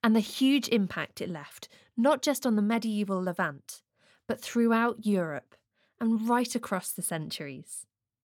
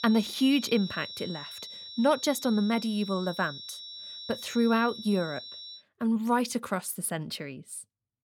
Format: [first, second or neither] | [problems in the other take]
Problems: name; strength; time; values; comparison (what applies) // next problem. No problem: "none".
first | high-pitched whine; noticeable; until 6 s; 4 kHz, 10 dB below the speech